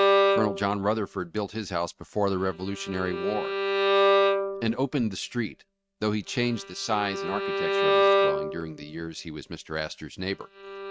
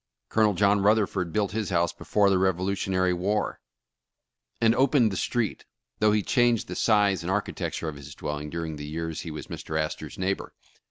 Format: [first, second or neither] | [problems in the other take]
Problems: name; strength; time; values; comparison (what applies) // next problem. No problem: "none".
second | noise reduction (neural mask model RNNoise)